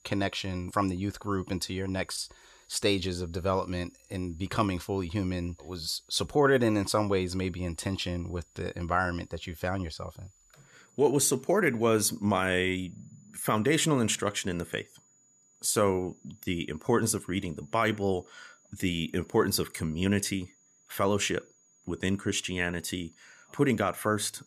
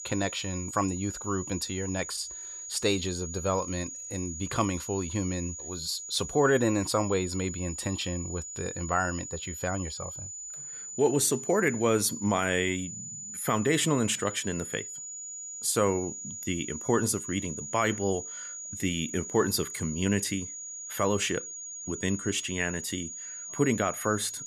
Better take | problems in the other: first | high-pitched whine; loud; throughout; 7 kHz, 8 dB below the speech; faint in the first

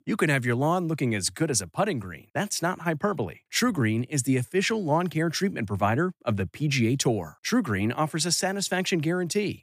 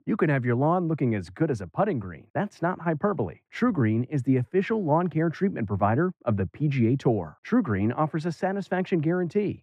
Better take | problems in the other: first | muffled; very; fading above 3.5 kHz

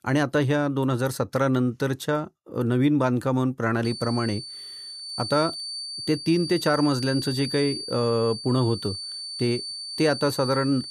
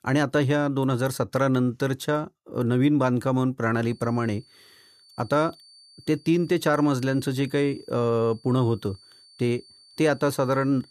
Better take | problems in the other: second | high-pitched whine; loud; from 4 s on; 4.5 kHz, 7 dB below the speech; faint in the second

